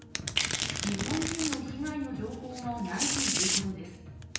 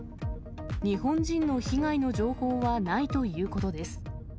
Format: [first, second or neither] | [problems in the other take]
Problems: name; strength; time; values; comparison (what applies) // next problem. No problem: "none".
second | background sound (Domestic sounds, home sounds); 2 dB above the speech // room echo; dies away in 0.9 s